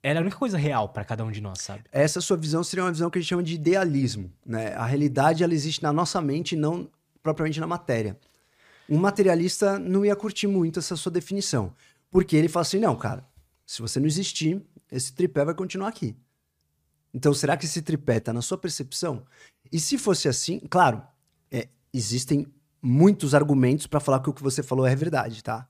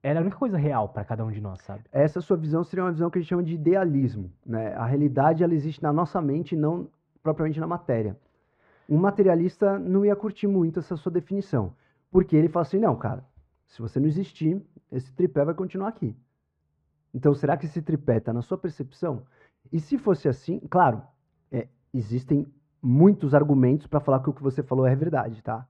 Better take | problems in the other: first | muffled; very; fading above 3.5 kHz

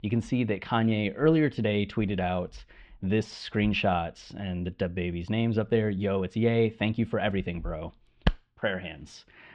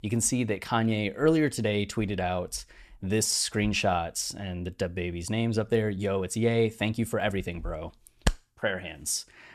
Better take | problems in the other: second | muffled; very; fading above 3.5 kHz

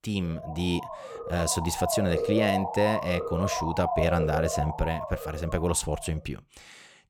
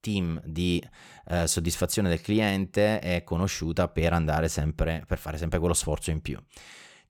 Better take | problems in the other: second | siren; loud; until 6 s; peak 1 dB above the speech

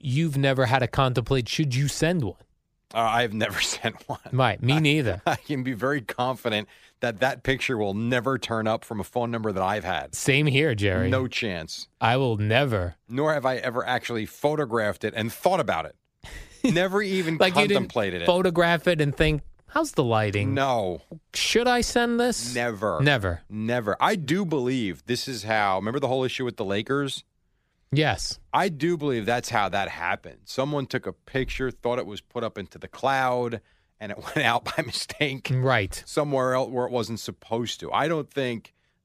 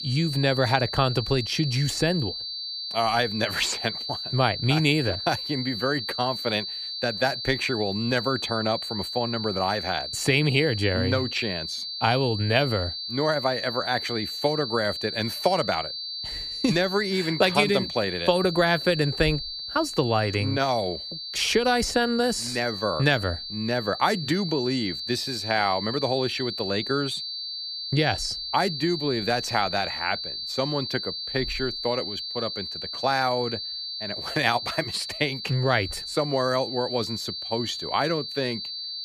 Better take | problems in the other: first | high-pitched whine; loud; throughout; 4.5 kHz, 5 dB below the speech

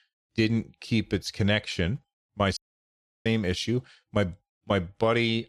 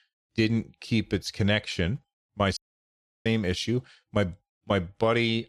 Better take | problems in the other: neither | audio cutting out; at 2.5 s for 0.5 s; the same in both

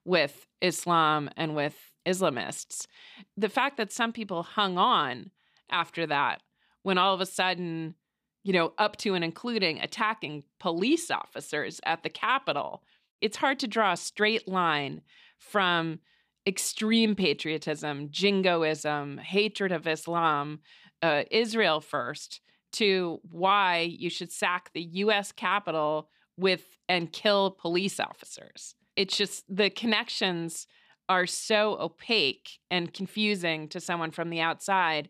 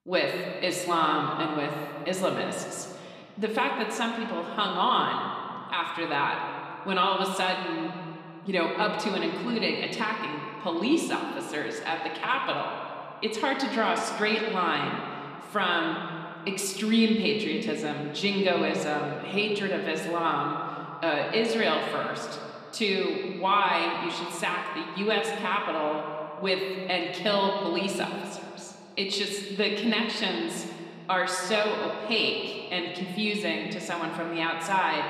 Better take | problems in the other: first | room echo; slight; dies away in 2.2 s // off-mic speech; somewhat distant

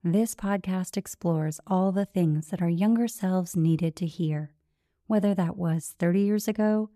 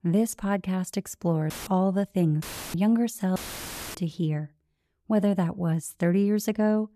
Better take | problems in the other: first | audio cutting out; filled with static; at 1.5 s, at 2.5 s and at 3.5 s for 0.5 s

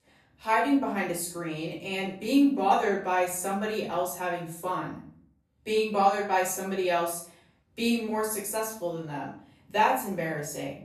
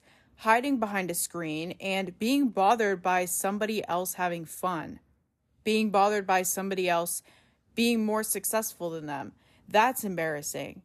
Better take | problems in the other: second | off-mic speech; far // room echo; noticeable; dies away in 0.5 s

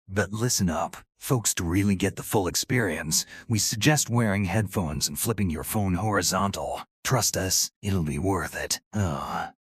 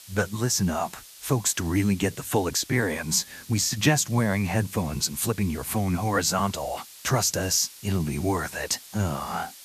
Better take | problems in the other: first | hiss; noticeable; throughout; 20 dB below the speech

